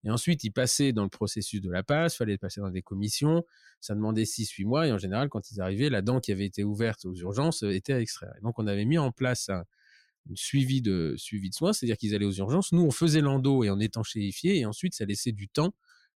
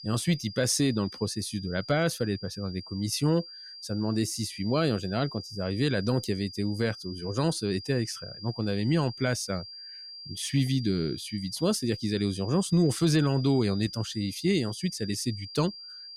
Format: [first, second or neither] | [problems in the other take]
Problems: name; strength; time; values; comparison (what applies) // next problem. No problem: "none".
first | high-pitched whine; noticeable; throughout; 5 kHz, 15 dB below the speech